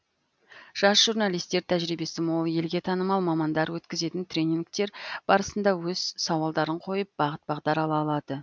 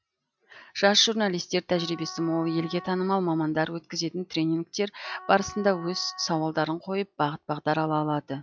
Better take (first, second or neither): first